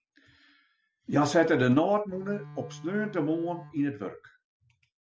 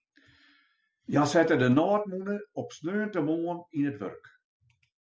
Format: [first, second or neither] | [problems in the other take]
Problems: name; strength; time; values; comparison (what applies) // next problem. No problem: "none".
second | background sound (Bowed string instrument); 18 dB below the speech